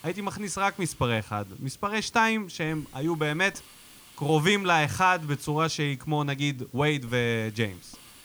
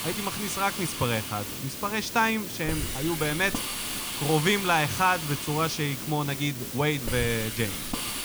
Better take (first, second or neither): first